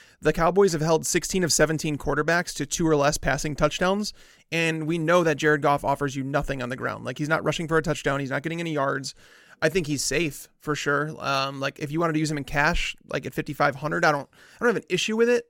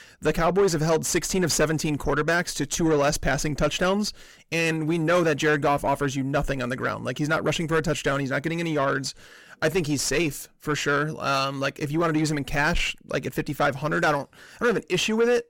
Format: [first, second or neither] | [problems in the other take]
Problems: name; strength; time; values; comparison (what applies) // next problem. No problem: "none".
first | distortion; slight; 10 dB below the speech